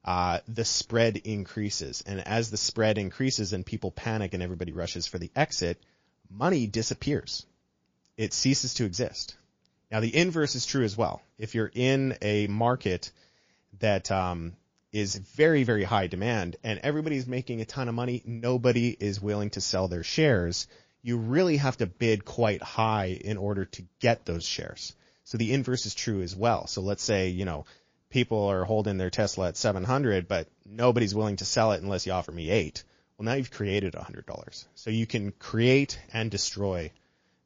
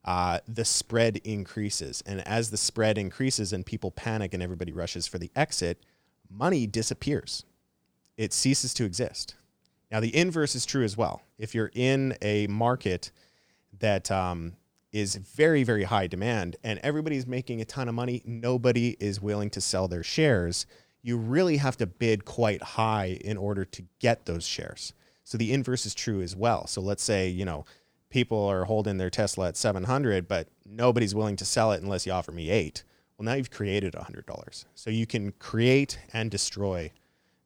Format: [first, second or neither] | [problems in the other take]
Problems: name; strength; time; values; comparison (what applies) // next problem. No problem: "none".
second | garbled, watery; slightly; nothing above 6.5 kHz